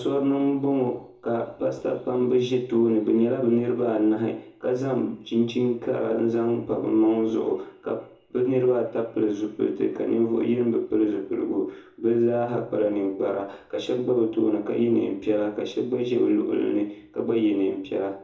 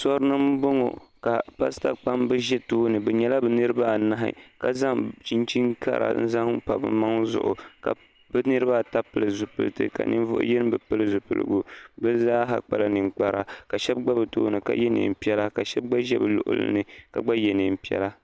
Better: second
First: room echo; dies away in 0.6 s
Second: none

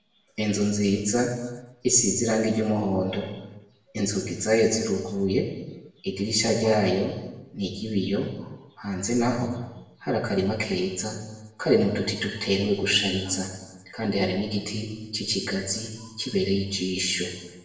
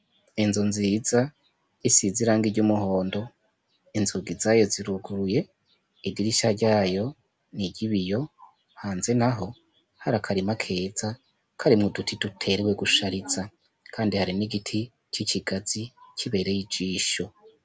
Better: second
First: room echo; dies away in 1 s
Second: none

